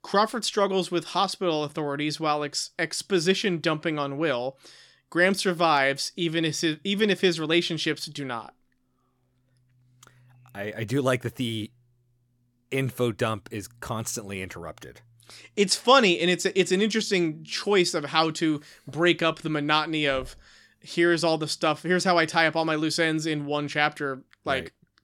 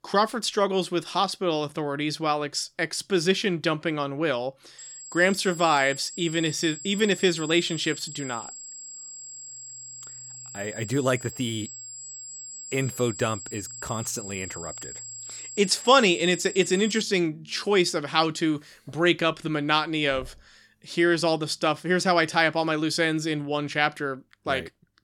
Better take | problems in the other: first | high-pitched whine; noticeable; from 5 to 17 s; 7.5 kHz, 10 dB below the speech

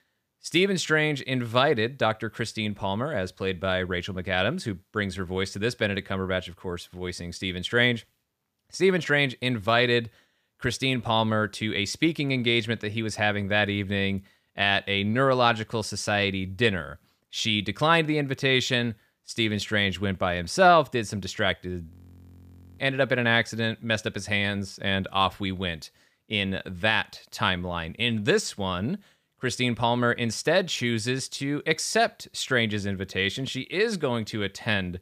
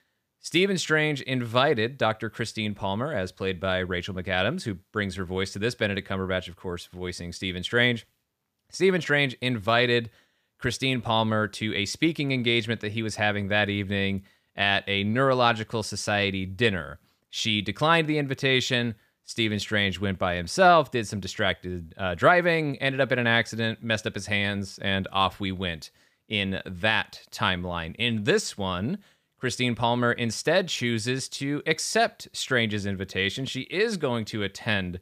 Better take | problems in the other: second | audio freezing; at 22 s for 1 s

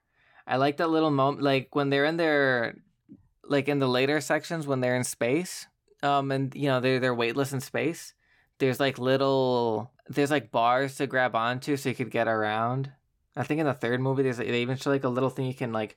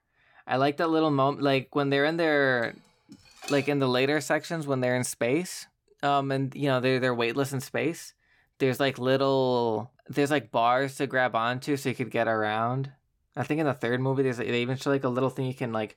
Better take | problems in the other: first | clattering dishes; faint; from 2.5 to 3.5 s; peak 10 dB below the speech

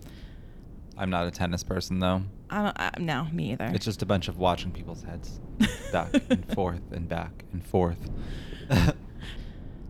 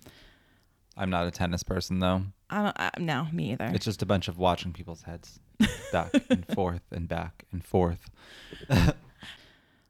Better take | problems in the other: second | wind noise on the microphone; occasional gusts; 25 dB below the speech

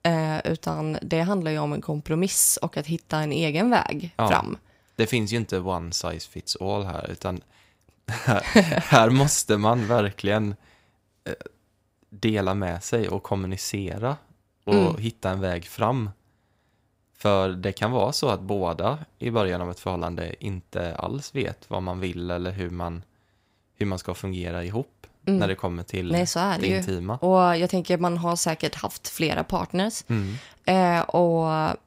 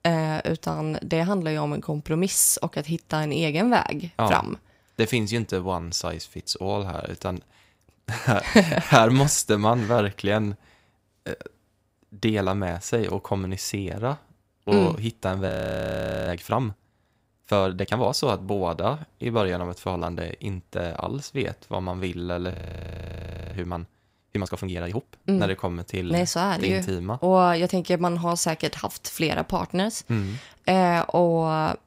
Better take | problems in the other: first | audio freezing; at 15 s for 1 s and at 23 s for 1 s

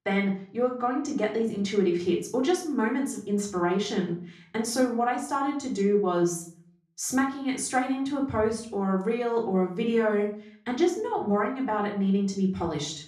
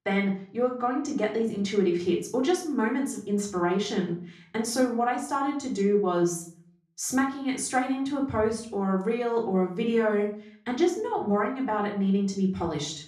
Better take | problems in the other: neither | off-mic speech; far; the same in both // room echo; slight; dies away in 0.4 s; the same in both

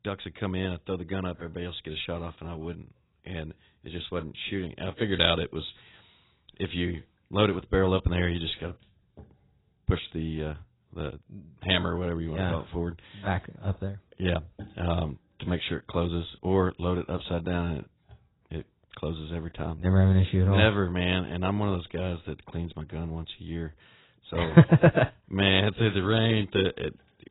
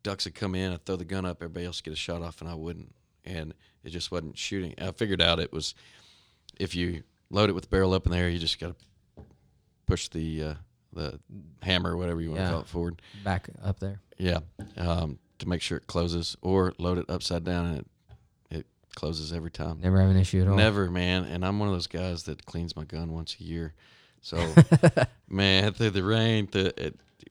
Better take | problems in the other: second | garbled, watery; badly; nothing above 4 kHz

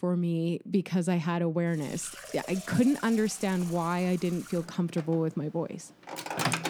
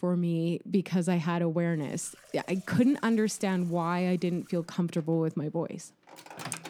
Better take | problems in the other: second | household noises; loud; from 2 s on; 10 dB below the speech; faint in the second

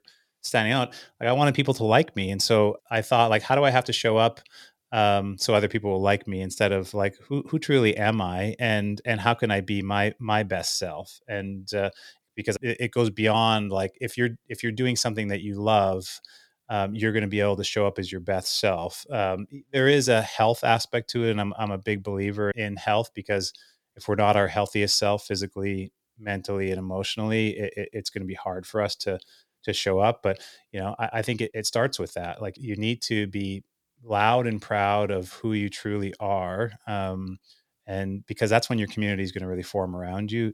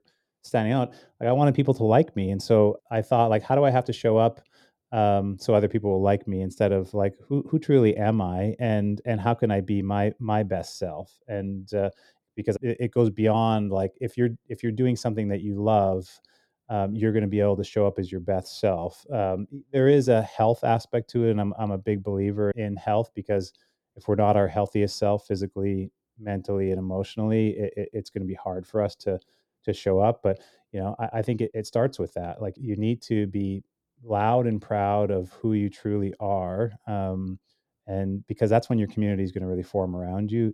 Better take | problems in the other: first | muffled; slightly; fading above 1 kHz

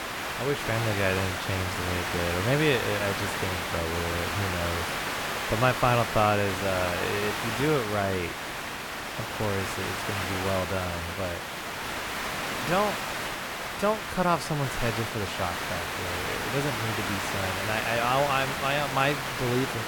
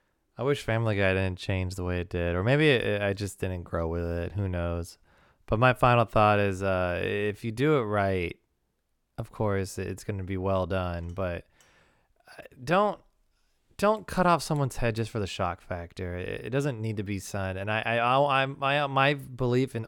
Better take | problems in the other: second | hiss; loud; throughout; 1 dB below the speech

